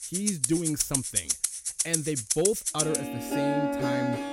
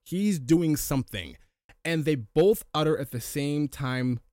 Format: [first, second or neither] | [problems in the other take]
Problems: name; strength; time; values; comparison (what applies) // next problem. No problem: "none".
second | background music; very loud; throughout; 4 dB above the speech